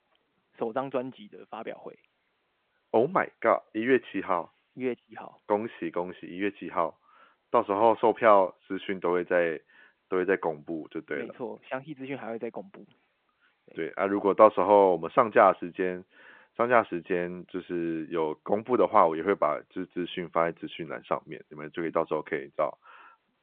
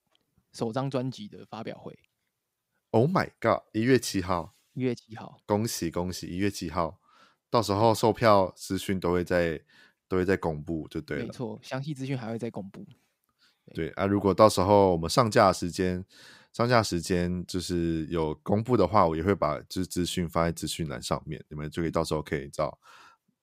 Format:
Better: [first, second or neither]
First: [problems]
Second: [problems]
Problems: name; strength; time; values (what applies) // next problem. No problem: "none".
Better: second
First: phone-call audio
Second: none